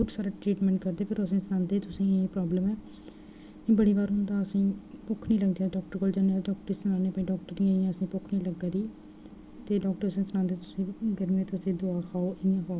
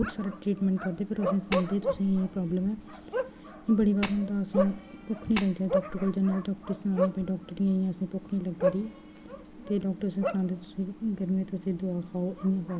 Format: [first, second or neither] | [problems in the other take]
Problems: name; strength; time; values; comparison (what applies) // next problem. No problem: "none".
first | background sound (Bark + Tap); 7 dB below the speech